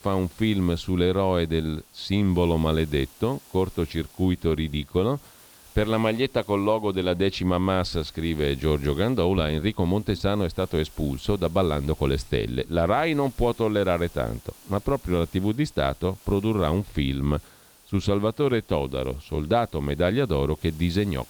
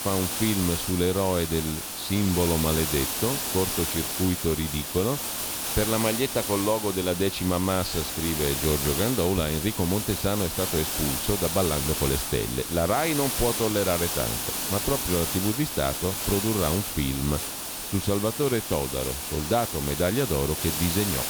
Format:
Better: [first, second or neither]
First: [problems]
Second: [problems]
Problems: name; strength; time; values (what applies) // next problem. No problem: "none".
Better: first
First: hiss; faint; throughout; 25 dB below the speech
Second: hiss; loud; throughout; 1 dB below the speech